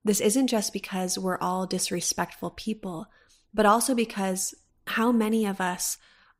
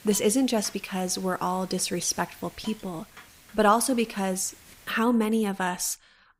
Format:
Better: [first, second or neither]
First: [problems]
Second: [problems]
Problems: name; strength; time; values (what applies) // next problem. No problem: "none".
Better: first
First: none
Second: hiss; faint; until 5 s; 20 dB below the speech